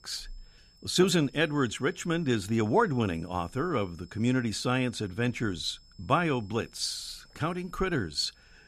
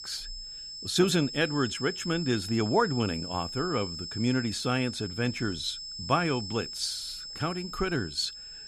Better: first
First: high-pitched whine; faint; throughout; 5 kHz, 30 dB below the speech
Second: high-pitched whine; loud; throughout; 5 kHz, 8 dB below the speech

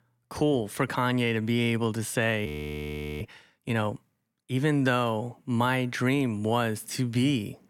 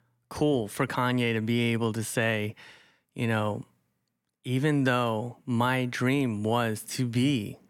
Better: second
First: audio freezing; at 2.5 s for 1 s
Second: none

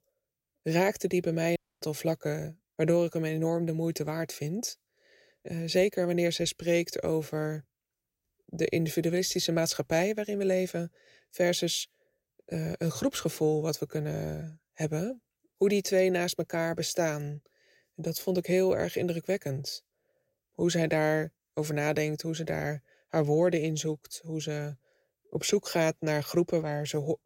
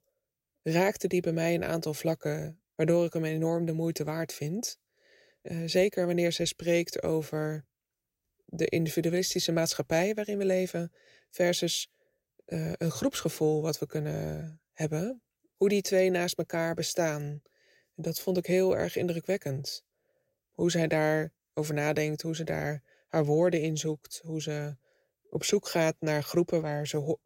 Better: second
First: audio cutting out; at 1.5 s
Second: none

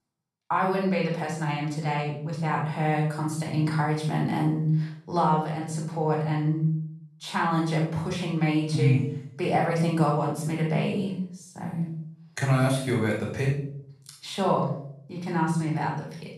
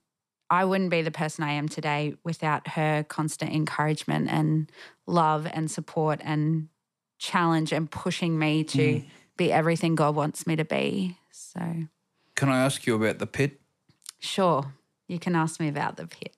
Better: second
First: room echo; noticeable; dies away in 0.6 s // off-mic speech; far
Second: none

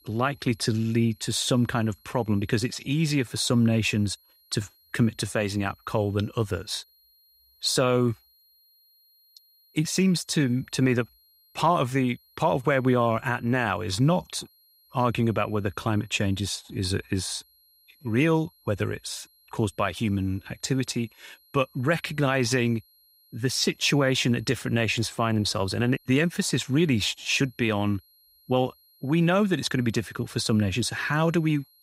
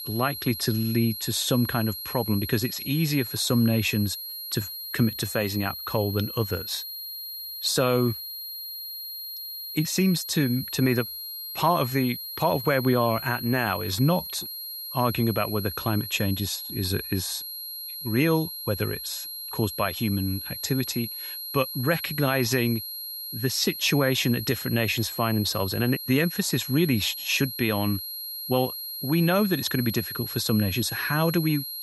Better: first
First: high-pitched whine; faint; throughout; 4 kHz, 30 dB below the speech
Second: high-pitched whine; loud; throughout; 4 kHz, 7 dB below the speech

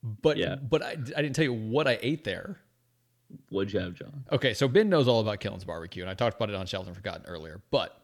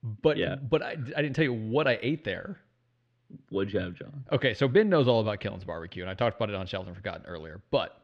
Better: first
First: none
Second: muffled; very slightly; fading above 2.5 kHz

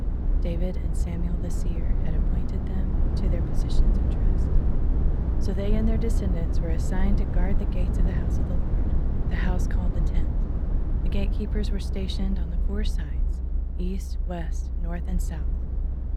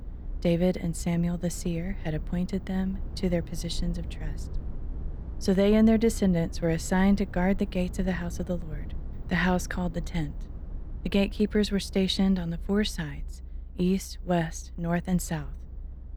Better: second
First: low rumble; loud; throughout; 2 dB below the speech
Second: low rumble; faint; throughout; 20 dB below the speech

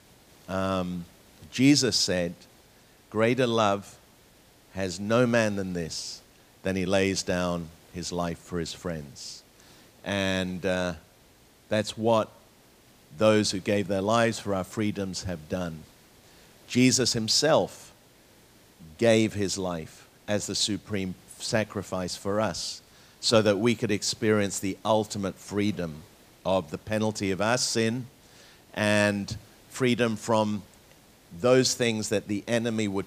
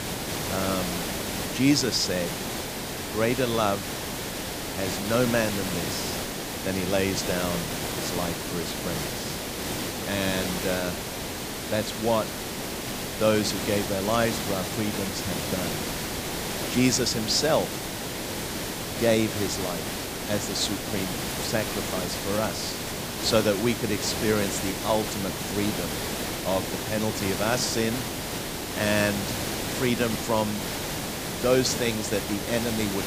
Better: first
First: hiss; faint; throughout; 30 dB below the speech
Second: hiss; loud; throughout; 2 dB below the speech

